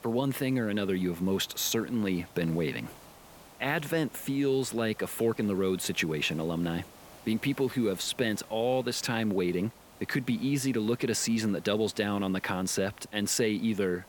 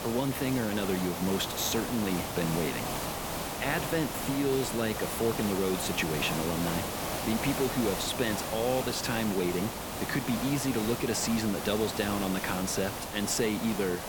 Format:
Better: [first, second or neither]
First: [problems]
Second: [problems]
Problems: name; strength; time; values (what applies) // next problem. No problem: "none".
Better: first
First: hiss; faint; throughout; 20 dB below the speech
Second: hiss; loud; throughout; 3 dB below the speech